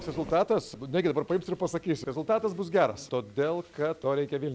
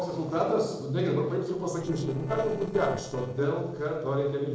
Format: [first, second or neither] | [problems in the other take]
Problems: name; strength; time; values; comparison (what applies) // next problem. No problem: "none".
first | noise reduction (neural separator model SepFormer DNS4)